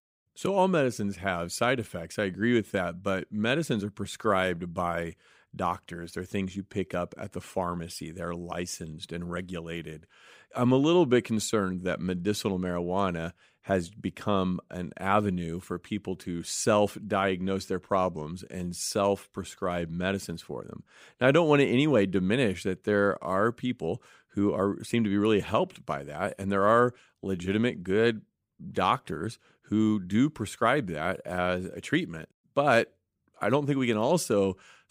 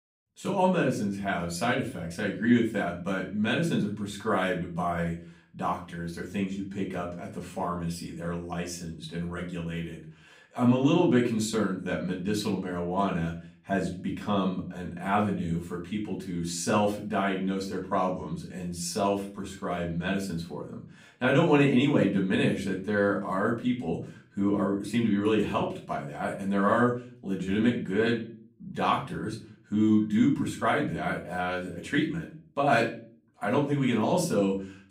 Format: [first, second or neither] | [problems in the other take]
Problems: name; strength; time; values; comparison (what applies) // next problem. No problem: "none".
first | room echo; slight; dies away in 0.4 s // off-mic speech; far